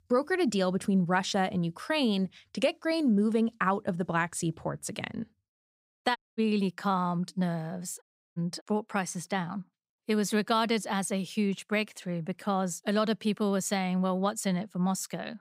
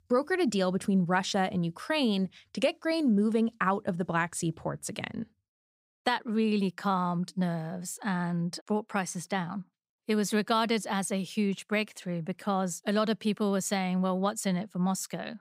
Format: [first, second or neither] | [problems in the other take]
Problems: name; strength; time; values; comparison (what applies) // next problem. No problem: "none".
second | audio cutting out; at 6 s and at 8 s